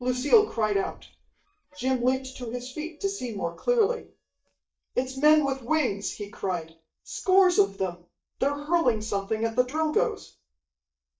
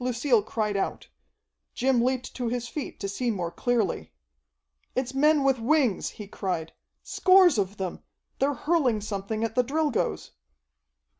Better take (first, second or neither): second